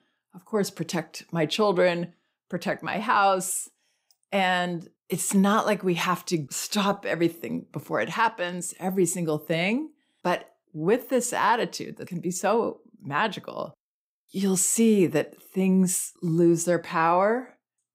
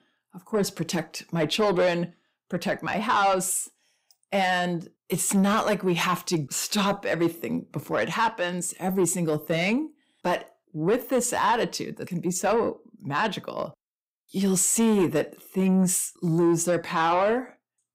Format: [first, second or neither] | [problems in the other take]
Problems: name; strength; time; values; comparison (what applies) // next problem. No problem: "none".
first | distortion; slight; 10 dB below the speech